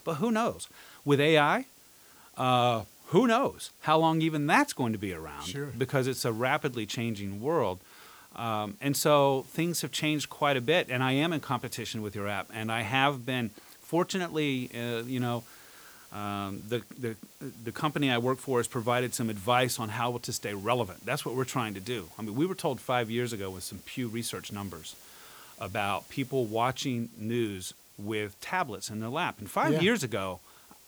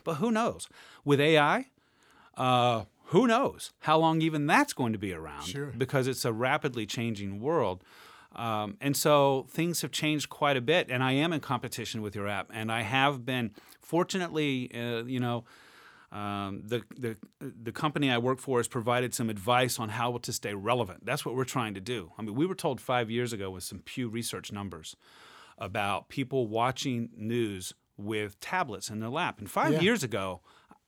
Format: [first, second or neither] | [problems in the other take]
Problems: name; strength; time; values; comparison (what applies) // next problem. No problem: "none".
second | hiss; faint; throughout; 20 dB below the speech